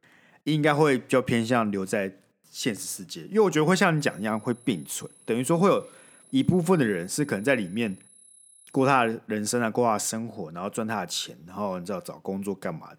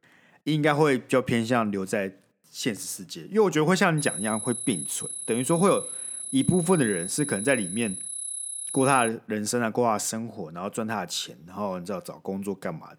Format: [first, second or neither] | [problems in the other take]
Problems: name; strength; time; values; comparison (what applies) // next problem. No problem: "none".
first | high-pitched whine; loud; from 4 to 9 s; 10.5 kHz, 5 dB below the speech; faint in the first